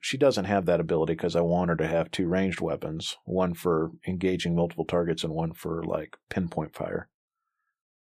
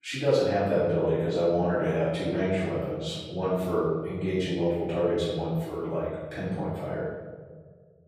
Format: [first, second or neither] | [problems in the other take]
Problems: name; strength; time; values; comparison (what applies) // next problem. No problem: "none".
first | off-mic speech; far // room echo; strong; dies away in 1.5 s